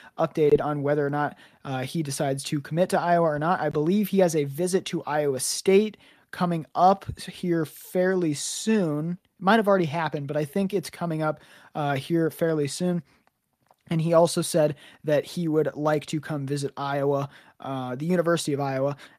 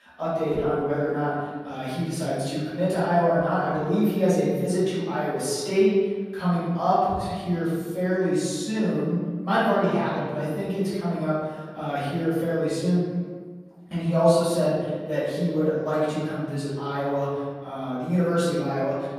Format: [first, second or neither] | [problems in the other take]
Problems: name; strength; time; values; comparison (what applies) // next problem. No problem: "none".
first | off-mic speech; far // room echo; strong; dies away in 1.4 s